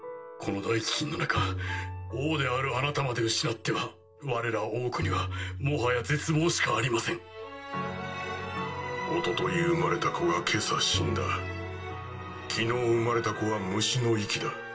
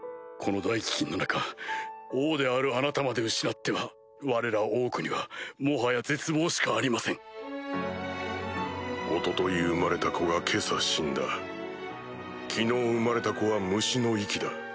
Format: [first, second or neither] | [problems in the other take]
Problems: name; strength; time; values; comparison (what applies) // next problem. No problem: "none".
second | background sound (Tabla); 10 dB below the speech // room echo; dies away in 0.2 s